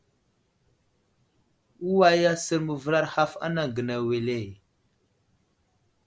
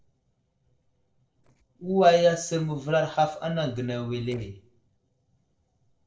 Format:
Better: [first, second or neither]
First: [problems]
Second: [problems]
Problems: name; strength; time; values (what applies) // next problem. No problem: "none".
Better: first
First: none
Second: noise reduction (neural separator model SepFormer DNS4)